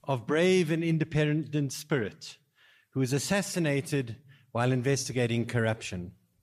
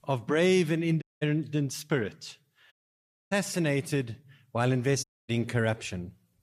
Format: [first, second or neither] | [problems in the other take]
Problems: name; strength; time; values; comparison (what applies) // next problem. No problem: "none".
first | audio cutting out; at 1 s, at 2.5 s for 0.5 s and at 5 s